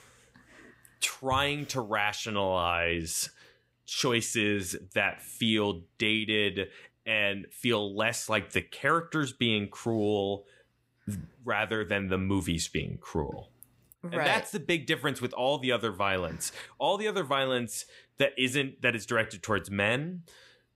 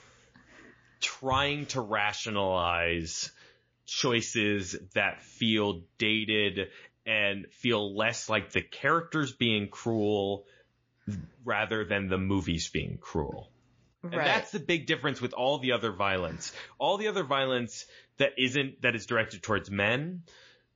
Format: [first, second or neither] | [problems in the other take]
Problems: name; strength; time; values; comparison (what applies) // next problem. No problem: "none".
first | garbled, watery; slightly